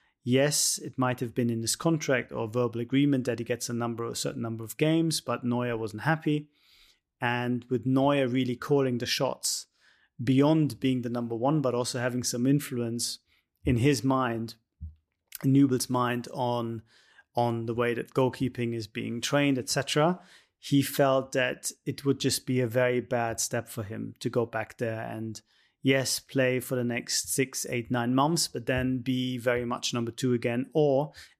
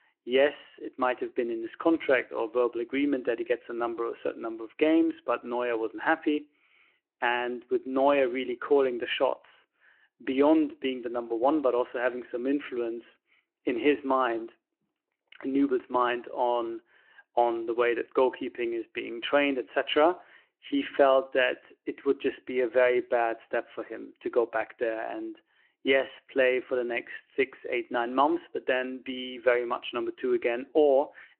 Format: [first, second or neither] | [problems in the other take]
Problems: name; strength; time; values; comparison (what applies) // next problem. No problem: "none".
first | phone-call audio